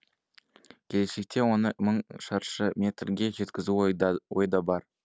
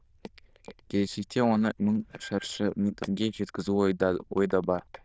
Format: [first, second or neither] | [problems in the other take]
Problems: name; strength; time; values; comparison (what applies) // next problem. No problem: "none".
first | noise reduction (neural diffusion model UNIVERSE++)